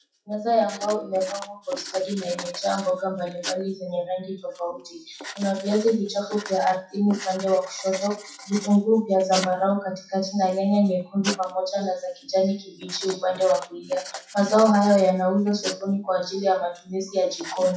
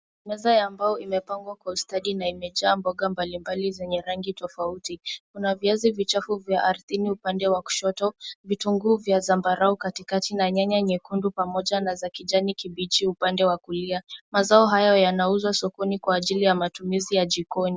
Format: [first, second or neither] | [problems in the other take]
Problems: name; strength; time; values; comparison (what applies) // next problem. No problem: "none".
second | noise reduction (classical method WPE with log-MMSE)